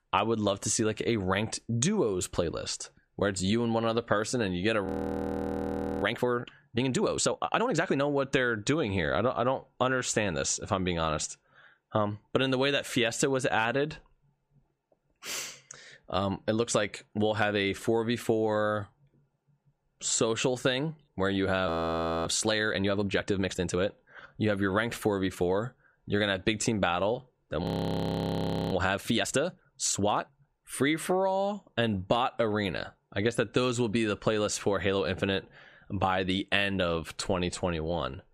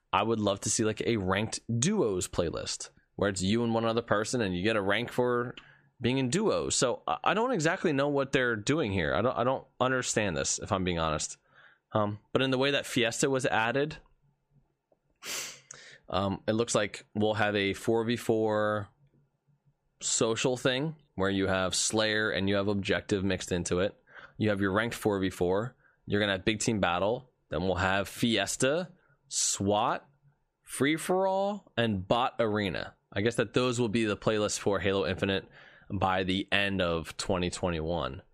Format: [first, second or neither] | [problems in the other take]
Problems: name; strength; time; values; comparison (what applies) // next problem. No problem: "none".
second | audio freezing; at 5 s for 1 s, at 22 s for 0.5 s and at 28 s for 1 s